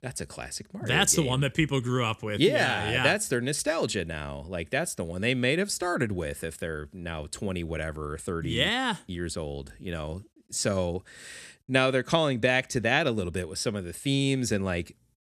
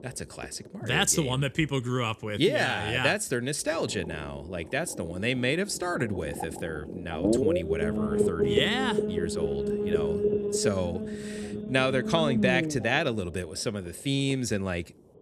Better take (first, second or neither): first